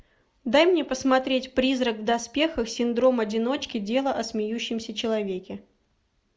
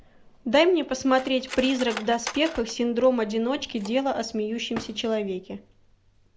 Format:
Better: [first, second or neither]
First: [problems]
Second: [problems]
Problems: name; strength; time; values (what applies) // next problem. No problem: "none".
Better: first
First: none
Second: background sound (Cutlery, silverware); 17 dB below the speech